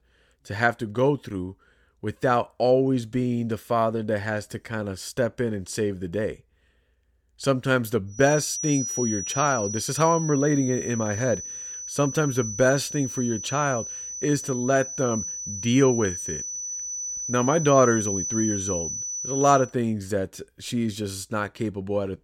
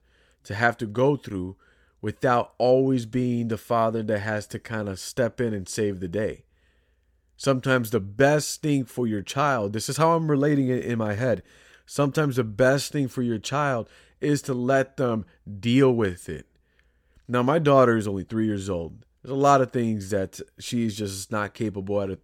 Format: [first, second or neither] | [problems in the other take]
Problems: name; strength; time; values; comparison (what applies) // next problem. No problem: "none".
second | high-pitched whine; loud; from 8 to 20 s; 6 kHz, 5 dB below the speech